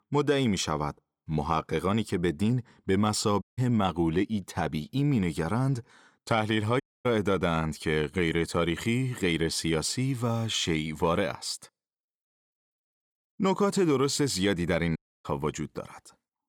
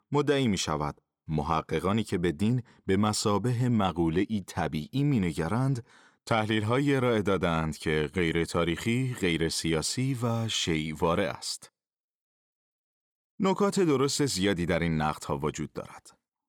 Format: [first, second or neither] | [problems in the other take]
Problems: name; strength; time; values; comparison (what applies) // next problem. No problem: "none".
second | audio cutting out; at 3.5 s, at 7 s and at 15 s